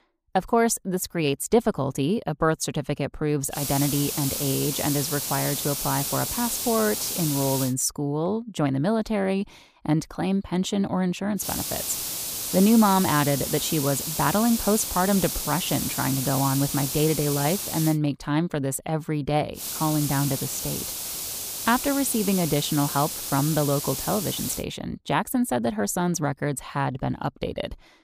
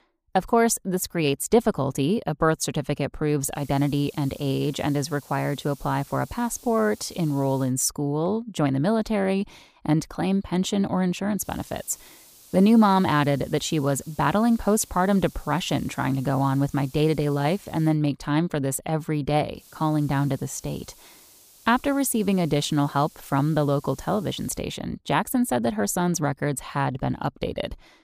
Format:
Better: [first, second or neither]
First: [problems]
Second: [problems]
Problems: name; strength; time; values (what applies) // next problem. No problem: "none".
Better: second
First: hiss; loud; from 3.5 to 7.5 s, from 11 to 18 s and from 20 to 25 s; 3 dB below the speech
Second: hiss; faint; from 3.5 to 7.5 s, from 11 to 18 s and from 20 to 25 s; 25 dB below the speech